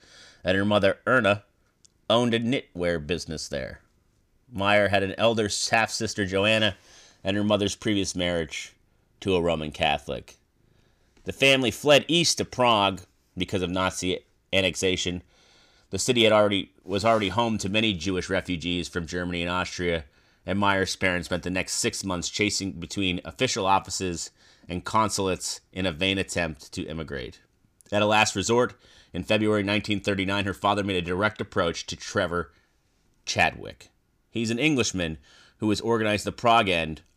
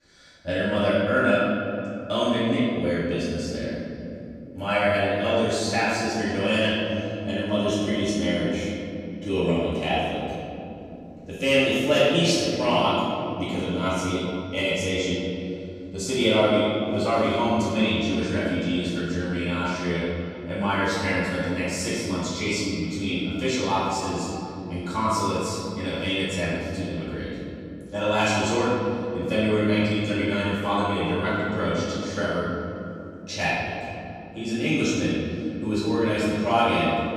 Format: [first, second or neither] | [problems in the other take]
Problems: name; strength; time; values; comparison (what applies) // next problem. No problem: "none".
first | room echo; strong; dies away in 3 s // off-mic speech; far